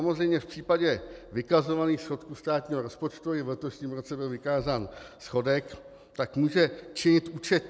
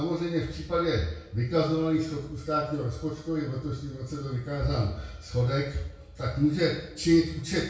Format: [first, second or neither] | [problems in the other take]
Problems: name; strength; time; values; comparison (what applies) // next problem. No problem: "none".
first | room echo; dies away in 0.6 s